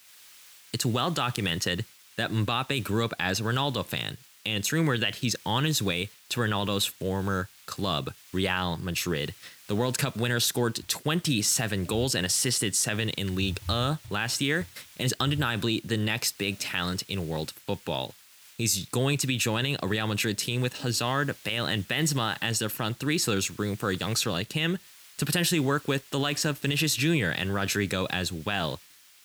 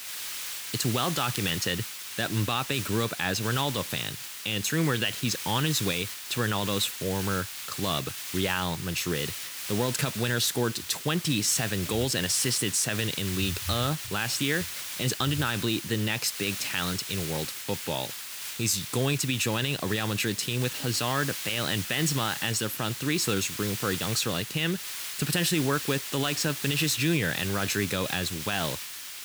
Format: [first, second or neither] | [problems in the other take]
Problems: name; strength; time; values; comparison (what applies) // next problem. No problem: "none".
first | hiss; loud; throughout; 6 dB below the speech; faint in the first